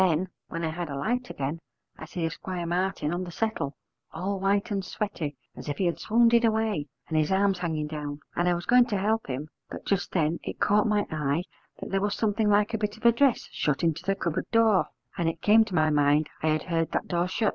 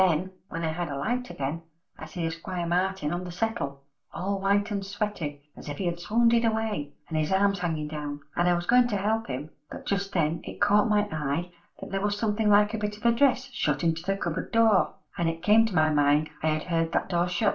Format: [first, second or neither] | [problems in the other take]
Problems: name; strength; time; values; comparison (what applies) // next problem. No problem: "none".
first | room echo; dies away in 0.3 s